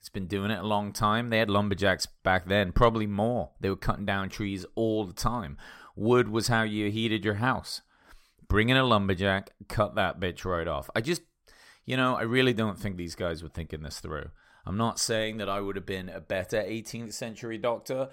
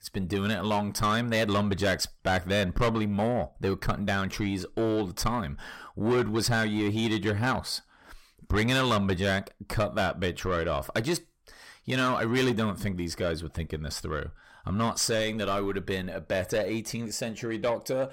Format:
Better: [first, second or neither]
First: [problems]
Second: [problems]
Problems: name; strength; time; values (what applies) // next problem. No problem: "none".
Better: first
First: none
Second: distortion; heavy; 8 dB below the speech